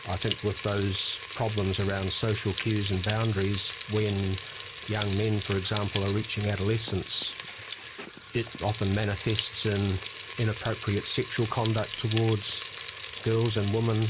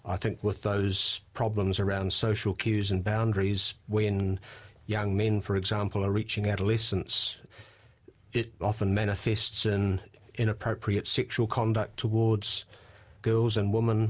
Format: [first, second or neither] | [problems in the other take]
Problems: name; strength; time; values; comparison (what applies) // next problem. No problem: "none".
second | background sound (Frying (food)); 11 dB below the speech